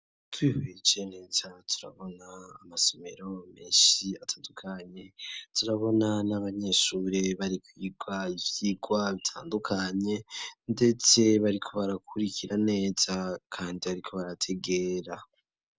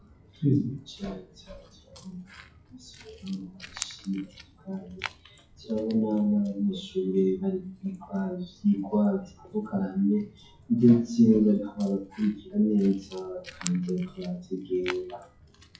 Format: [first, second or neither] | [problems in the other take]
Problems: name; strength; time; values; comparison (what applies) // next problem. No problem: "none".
first | noise reduction (classical method WPE with log-MMSE)